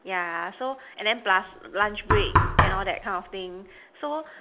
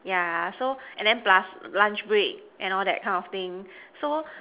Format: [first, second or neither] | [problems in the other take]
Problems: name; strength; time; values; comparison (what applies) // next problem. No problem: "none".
second | background sound (Knock); 3 dB above the speech